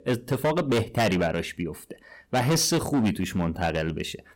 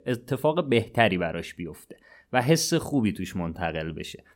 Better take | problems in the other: second | distortion; heavy; 12% of the sound clipped

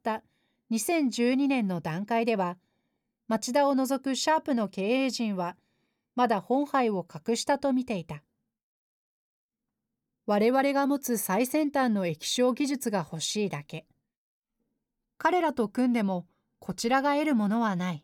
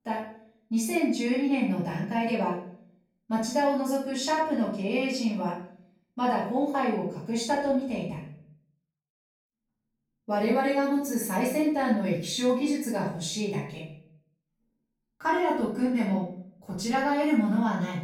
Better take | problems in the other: first | off-mic speech; far // room echo; noticeable; dies away in 0.5 s

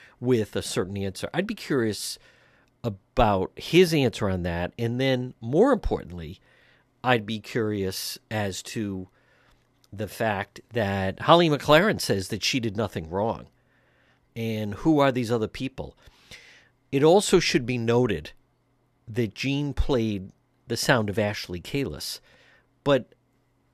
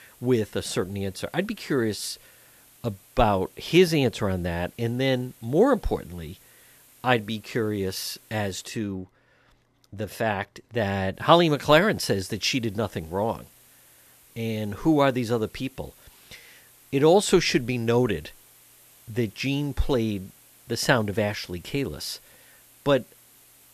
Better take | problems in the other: first | hiss; faint; until 8.5 s and from 11 s on; 25 dB below the speech

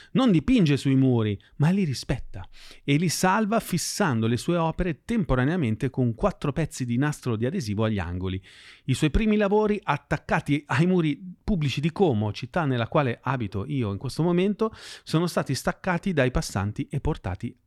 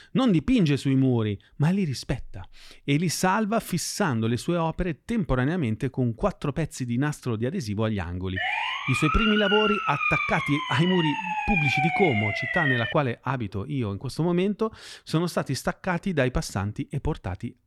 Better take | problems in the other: first | siren; loud; from 8.5 to 13 s; peak 3 dB above the speech

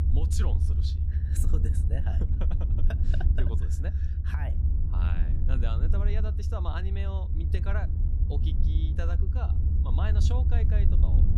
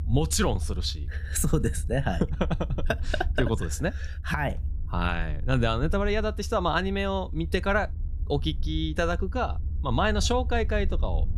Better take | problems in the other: second | low rumble; loud; throughout; 2 dB below the speech; faint in the second

